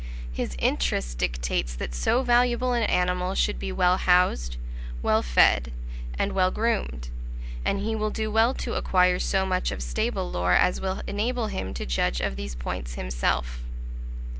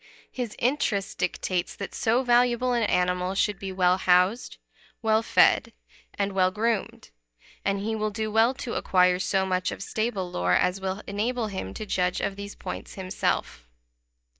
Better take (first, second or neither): first